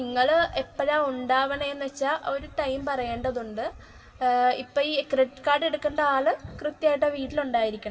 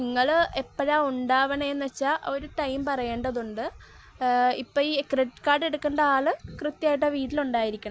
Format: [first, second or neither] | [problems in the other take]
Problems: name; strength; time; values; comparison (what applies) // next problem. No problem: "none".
second | room echo; dies away in 3 s